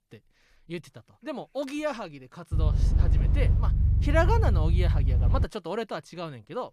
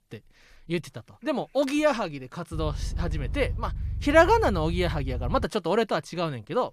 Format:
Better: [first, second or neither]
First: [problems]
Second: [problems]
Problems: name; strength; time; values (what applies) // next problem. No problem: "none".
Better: second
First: low rumble; loud; from 2.5 to 5.5 s; 8 dB below the speech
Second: low rumble; faint; from 2.5 to 5.5 s; 25 dB below the speech